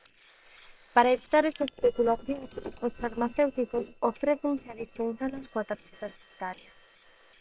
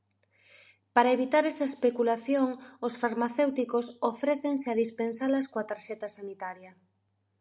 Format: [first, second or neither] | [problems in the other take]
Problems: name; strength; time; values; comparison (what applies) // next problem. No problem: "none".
second | noise reduction (neural separator model SepFormer WHAM!)